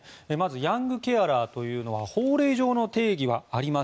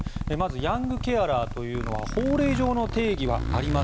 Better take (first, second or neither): first